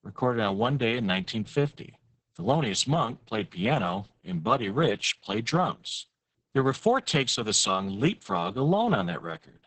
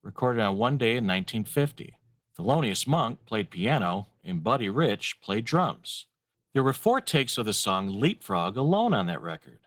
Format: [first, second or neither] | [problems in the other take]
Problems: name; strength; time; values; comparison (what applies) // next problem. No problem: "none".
second | garbled, watery; badly; nothing above 8 kHz; slightly in the second